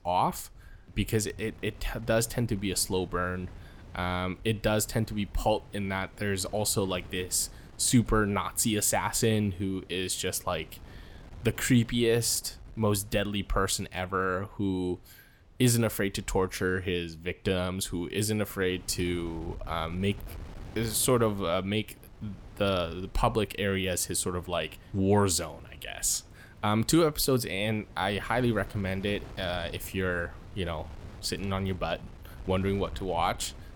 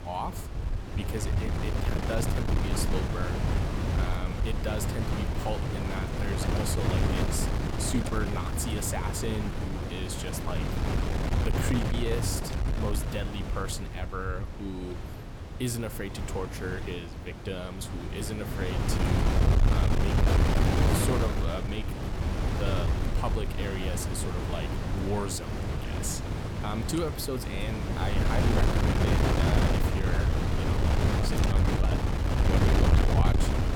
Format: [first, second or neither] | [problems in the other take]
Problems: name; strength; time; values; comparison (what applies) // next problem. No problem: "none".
first | wind noise on the microphone; heavy; 2 dB above the speech; occasional gusts in the first